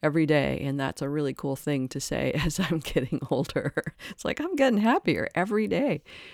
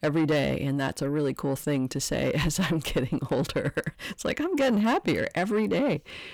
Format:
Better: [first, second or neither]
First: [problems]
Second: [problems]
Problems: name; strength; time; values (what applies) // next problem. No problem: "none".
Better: first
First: none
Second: distortion; slight; 10 dB below the speech